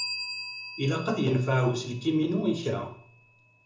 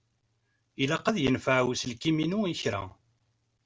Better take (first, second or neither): second